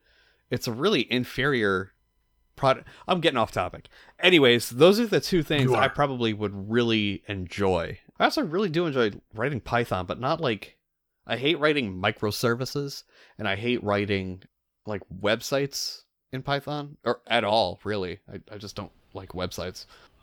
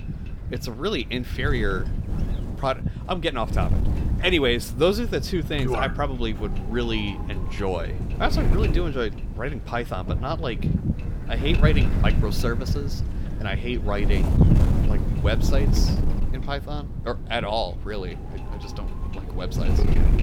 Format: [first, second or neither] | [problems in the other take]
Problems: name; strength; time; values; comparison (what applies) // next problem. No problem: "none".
first | wind noise on the microphone; heavy; 9 dB below the speech